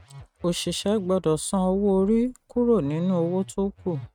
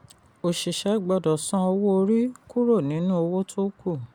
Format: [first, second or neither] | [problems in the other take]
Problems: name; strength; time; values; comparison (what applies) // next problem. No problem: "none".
second | noise reduction (neural mask model RNNoise)